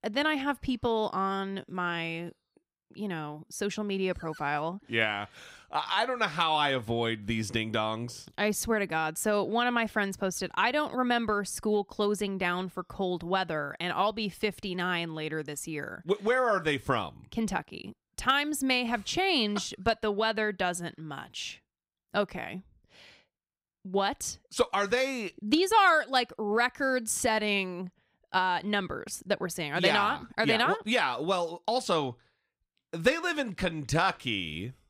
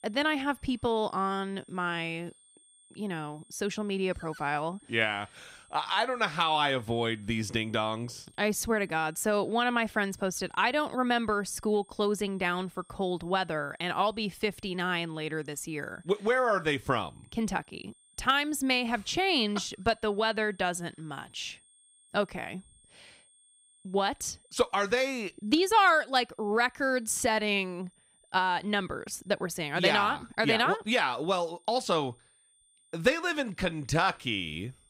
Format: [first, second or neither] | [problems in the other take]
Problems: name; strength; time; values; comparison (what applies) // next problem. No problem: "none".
first | high-pitched whine; faint; throughout; 8.5 kHz, 30 dB below the speech